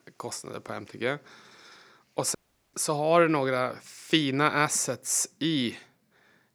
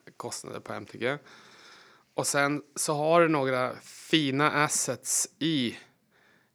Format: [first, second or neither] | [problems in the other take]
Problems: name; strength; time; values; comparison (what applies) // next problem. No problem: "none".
second | audio cutting out; at 2.5 s